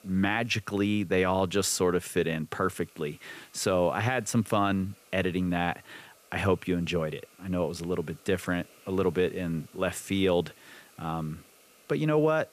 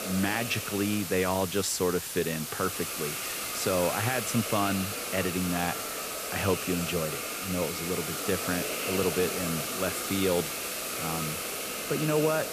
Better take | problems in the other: first | hiss; loud; throughout; 2 dB below the speech; faint in the first

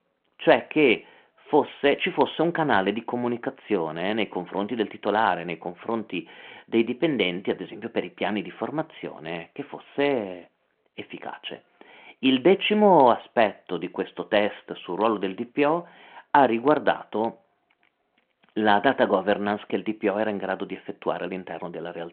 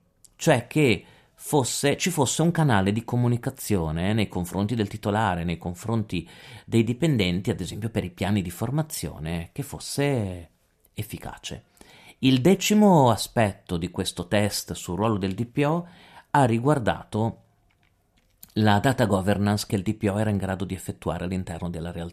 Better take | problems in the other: second | phone-call audio

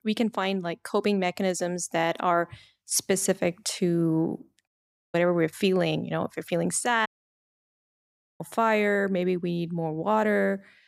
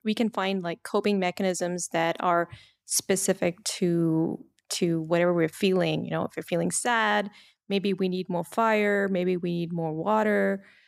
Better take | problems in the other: second | audio cutting out; at 4.5 s and at 7 s for 1.5 s

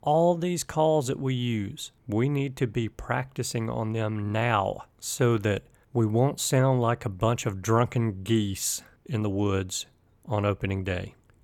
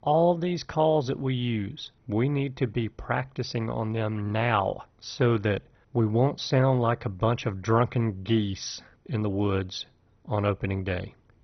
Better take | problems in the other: first | garbled, watery; badly; nothing above 6 kHz

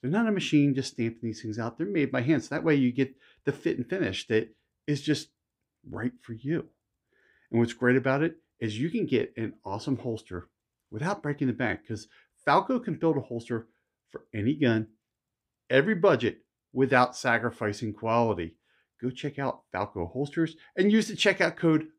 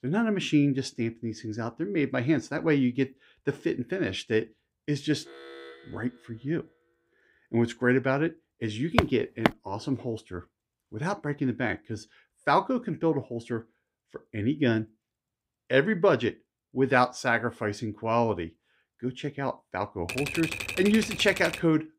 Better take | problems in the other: first | alarm; faint; from 5 to 6.5 s; peak 15 dB below the speech // footsteps; loud; at 9 s; peak level with the speech // keyboard typing; noticeable; from 20 s on; peak 4 dB below the speech

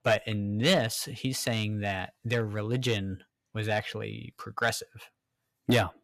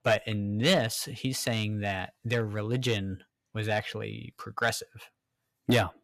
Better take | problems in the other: neither | distortion; slight; 1.5% of the sound clipped; the same in both

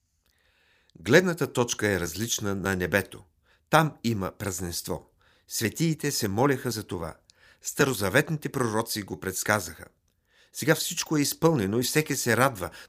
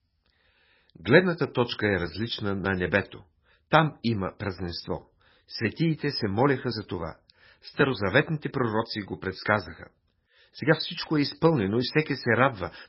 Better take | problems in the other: first | garbled, watery; badly; nothing above 5.5 kHz

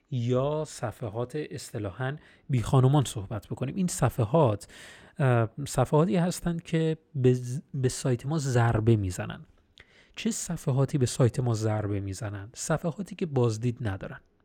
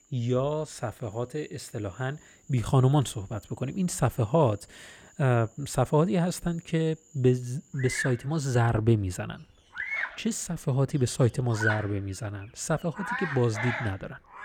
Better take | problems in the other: first | animal sounds; loud; throughout; 5 dB below the speech

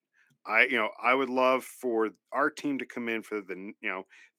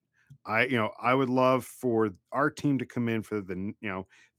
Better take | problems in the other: second | thin; very slightly; fading below 300 Hz

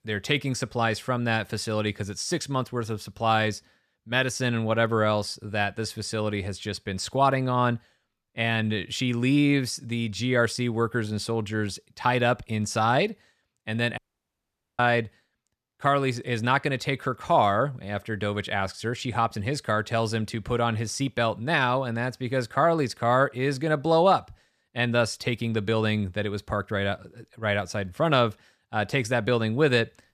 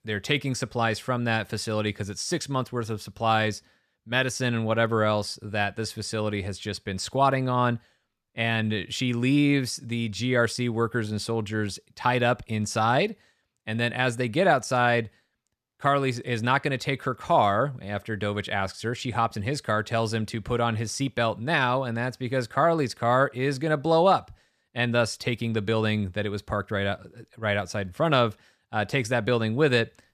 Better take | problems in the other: second | audio cutting out; at 14 s for 1 s

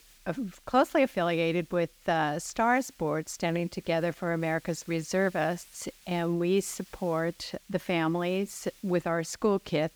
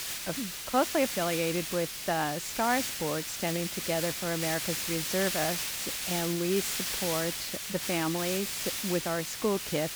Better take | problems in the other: first | hiss; loud; throughout; 1 dB below the speech; faint in the first

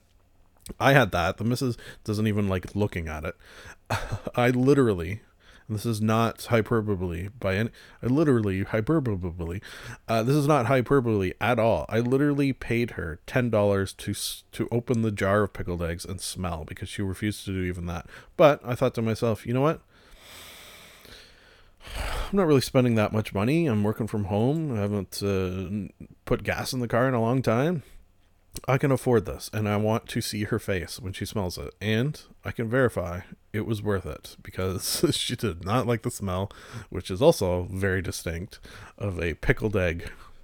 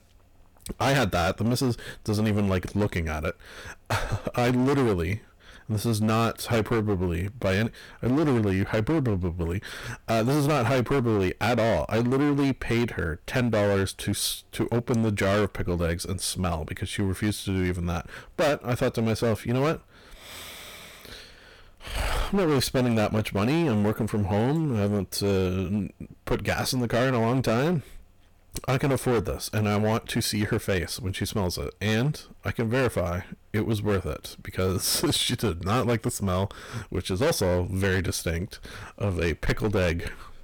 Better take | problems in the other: first | distortion; heavy; 14% of the sound clipped

